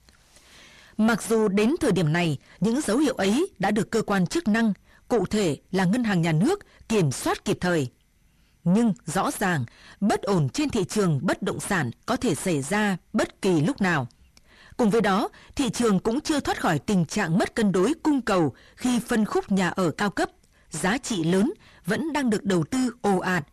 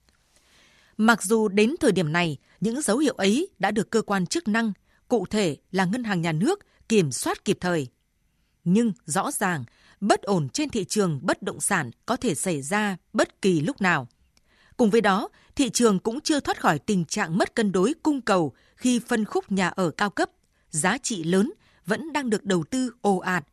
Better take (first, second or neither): second